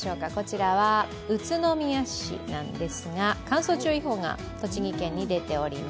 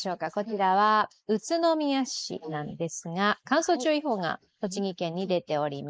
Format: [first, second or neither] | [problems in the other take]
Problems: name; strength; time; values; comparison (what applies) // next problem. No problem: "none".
first | noise reduction (neural mask model Resemble Enhance denoiser)